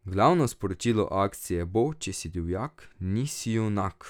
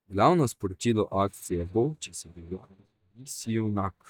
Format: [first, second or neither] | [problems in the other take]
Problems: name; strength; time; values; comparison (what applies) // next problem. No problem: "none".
first | noise reduction (neural mask model DeepFilterNet 3)